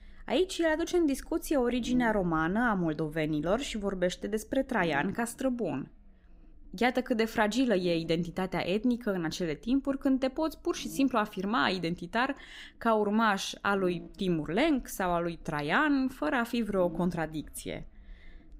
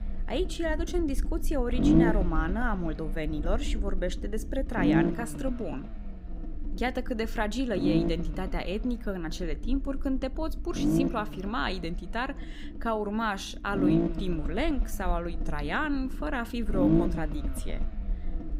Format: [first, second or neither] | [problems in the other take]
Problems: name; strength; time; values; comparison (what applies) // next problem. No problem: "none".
first | low rumble; loud; throughout; as loud as the speech; faint in the first